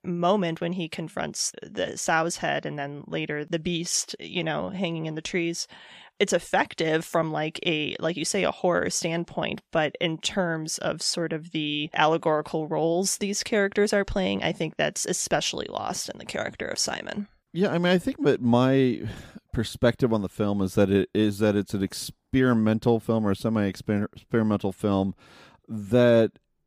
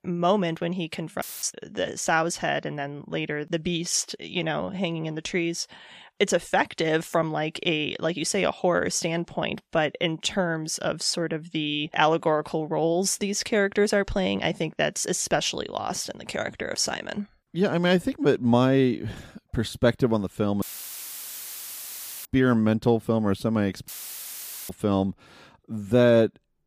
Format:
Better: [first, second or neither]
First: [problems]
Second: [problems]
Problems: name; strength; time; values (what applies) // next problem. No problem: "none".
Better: first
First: none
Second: audio cutting out; filled with static; at 1 s, at 21 s for 1.5 s and at 24 s for 1 s